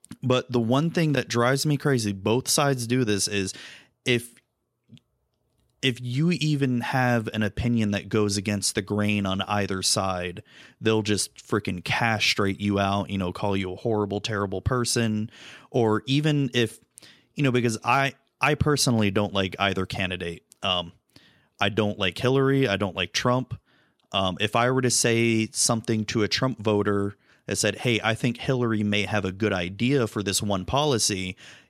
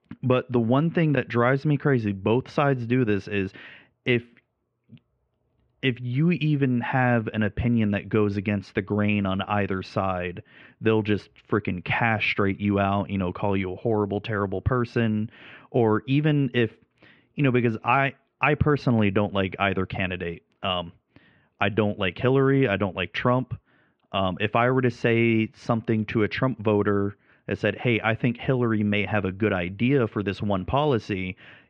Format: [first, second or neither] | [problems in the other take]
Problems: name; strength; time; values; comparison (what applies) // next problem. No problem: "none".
first | muffled; very; fading above 2.5 kHz